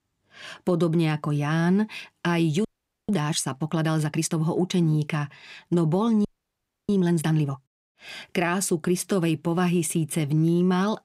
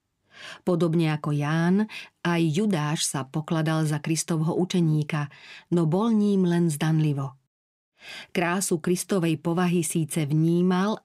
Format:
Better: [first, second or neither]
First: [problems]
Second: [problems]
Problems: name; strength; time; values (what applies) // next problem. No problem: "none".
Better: second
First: audio freezing; at 2.5 s and at 6.5 s for 0.5 s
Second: none